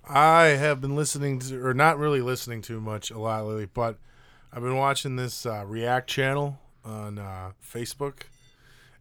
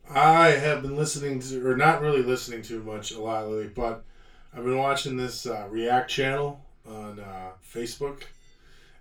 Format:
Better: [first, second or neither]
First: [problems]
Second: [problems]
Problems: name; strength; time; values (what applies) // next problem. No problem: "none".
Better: first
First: none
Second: room echo; slight; dies away in 0.2 s // off-mic speech; far